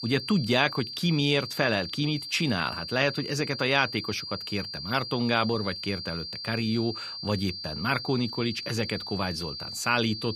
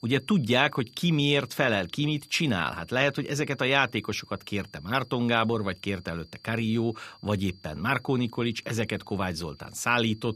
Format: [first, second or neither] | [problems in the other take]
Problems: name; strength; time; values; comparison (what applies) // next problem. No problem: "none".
second | high-pitched whine; loud; throughout; 4.5 kHz, 7 dB below the speech; faint in the second